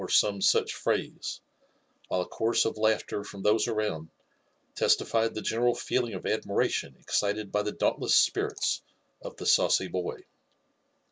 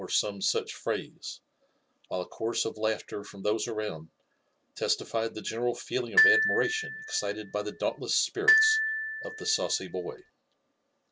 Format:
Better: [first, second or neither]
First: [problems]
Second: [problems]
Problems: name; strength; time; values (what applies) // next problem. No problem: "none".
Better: first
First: none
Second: background sound (Glockenspiel); 4 dB above the speech